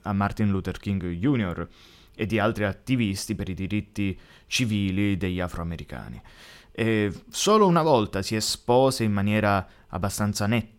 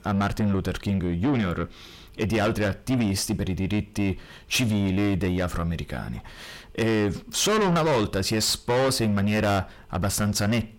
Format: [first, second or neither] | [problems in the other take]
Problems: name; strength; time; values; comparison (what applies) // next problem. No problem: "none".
first | distortion; heavy; 6 dB below the speech